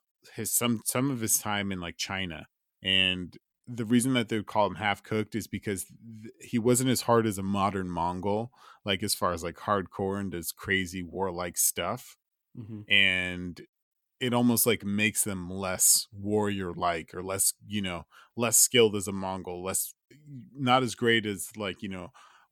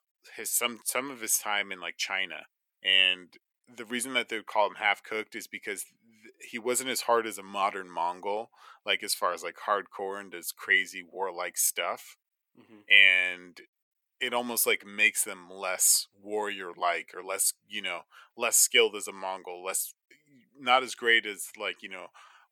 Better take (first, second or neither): first